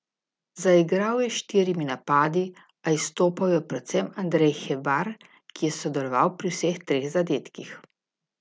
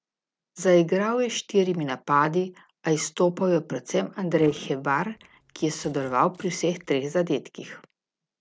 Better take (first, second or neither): first